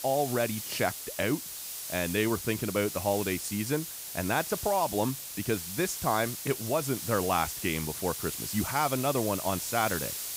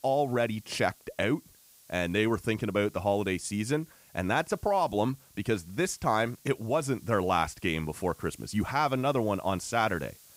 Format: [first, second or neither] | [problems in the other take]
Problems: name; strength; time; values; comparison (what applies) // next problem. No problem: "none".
second | hiss; loud; throughout; 5 dB below the speech; faint in the second